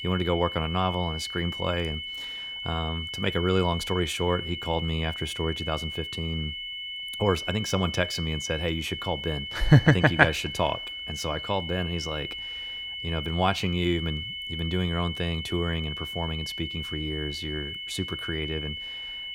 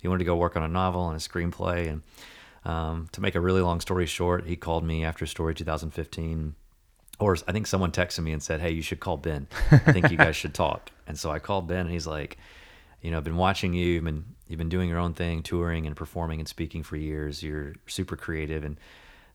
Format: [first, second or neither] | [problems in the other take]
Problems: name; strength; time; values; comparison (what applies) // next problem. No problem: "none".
second | high-pitched whine; loud; throughout; 3 kHz, 5 dB below the speech